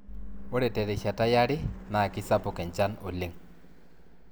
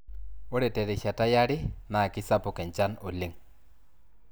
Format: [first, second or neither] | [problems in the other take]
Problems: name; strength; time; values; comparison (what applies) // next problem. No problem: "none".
second | background sound (Car passing by / Engine / Truck); 18 dB below the speech